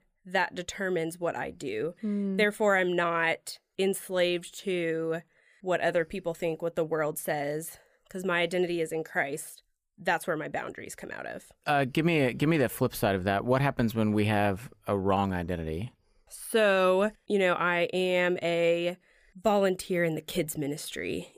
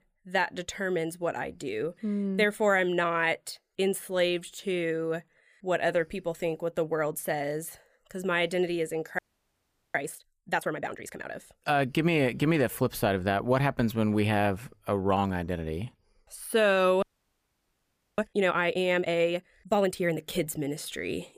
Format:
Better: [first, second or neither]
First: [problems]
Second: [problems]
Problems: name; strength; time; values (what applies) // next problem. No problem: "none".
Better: first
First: none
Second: audio freezing; at 9 s for 1 s and at 17 s for 1 s